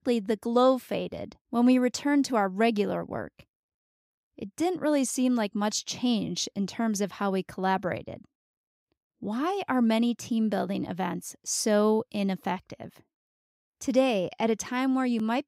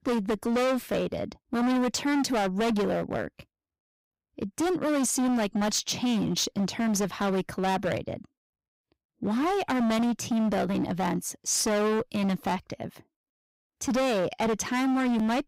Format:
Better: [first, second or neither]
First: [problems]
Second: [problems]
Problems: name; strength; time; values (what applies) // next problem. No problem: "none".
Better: first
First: none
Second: distortion; heavy; 23% of the sound clipped